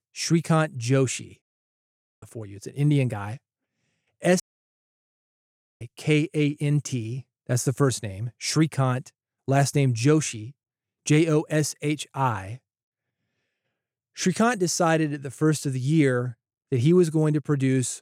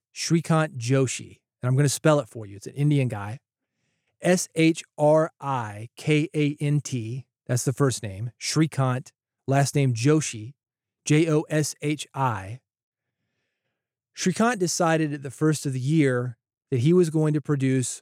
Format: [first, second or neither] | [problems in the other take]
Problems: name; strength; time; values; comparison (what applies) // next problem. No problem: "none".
second | audio cutting out; at 1.5 s for 1 s and at 4.5 s for 1.5 s